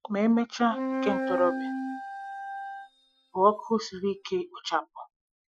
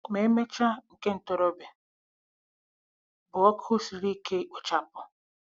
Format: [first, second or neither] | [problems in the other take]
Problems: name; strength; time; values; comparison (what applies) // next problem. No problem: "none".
second | noise reduction (classical method Wiener filter)